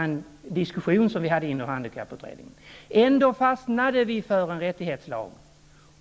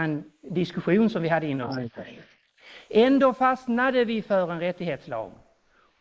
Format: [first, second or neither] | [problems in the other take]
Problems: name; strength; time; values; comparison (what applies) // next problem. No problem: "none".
first | noise reduction (neural mask model Resemble Enhance denoiser)